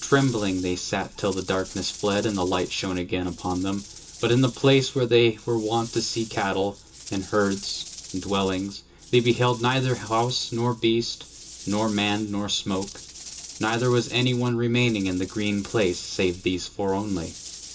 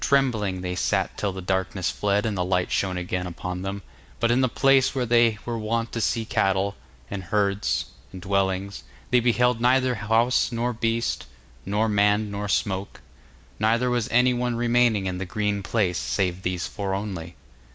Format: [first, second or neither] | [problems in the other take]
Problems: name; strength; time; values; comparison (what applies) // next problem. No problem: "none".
second | background sound (Rattle / Rattle (instrument)); 18 dB below the speech // room echo; dies away in 0.2 s